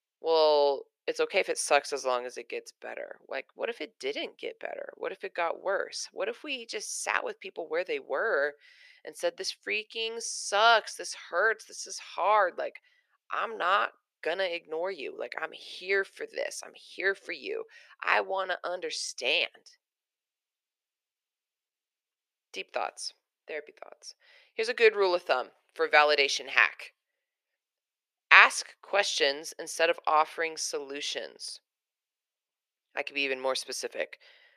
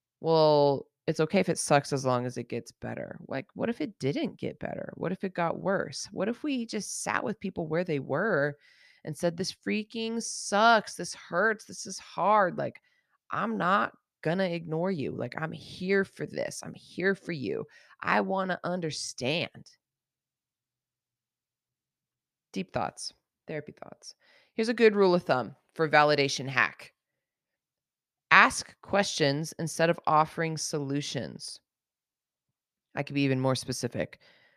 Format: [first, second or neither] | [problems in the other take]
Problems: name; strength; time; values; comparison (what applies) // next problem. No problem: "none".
second | thin; very; fading below 400 Hz